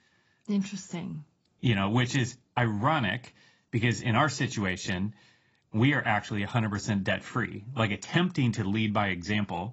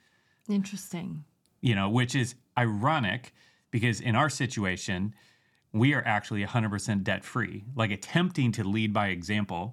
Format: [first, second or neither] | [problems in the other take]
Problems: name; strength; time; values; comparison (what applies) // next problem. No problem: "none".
second | garbled, watery; badly; nothing above 7.5 kHz